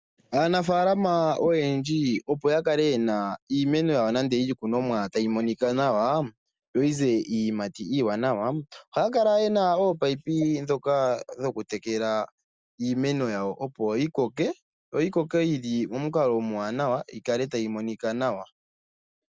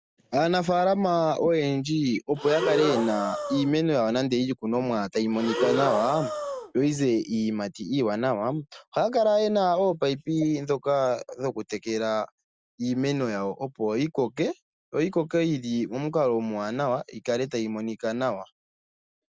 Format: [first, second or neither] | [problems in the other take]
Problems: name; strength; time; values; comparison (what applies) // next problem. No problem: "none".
first | background sound (Breathing); 4 dB below the speech